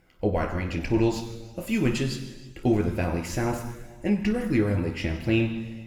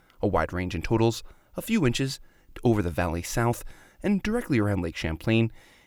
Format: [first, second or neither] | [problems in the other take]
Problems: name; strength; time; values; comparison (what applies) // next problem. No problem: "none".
second | room echo; noticeable; dies away in 1.2 s // off-mic speech; somewhat distant